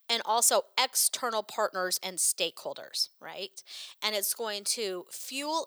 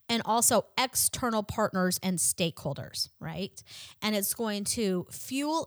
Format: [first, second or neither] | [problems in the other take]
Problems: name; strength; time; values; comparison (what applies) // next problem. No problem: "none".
second | thin; very; fading below 400 Hz